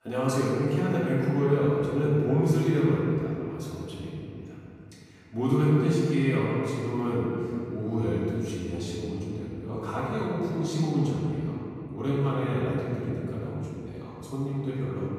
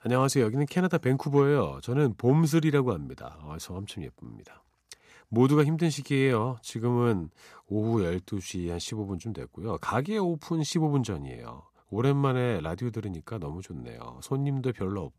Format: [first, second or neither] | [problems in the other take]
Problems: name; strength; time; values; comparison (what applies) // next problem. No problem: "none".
second | off-mic speech; far // room echo; strong; dies away in 2.7 s